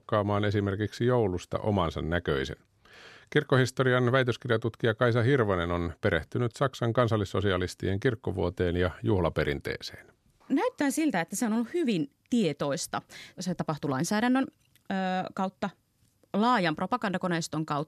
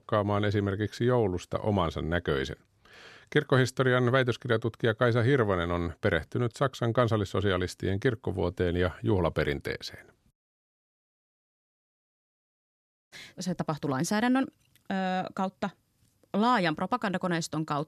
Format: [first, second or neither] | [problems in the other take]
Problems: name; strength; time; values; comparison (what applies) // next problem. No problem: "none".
first | audio cutting out; at 10 s for 3 s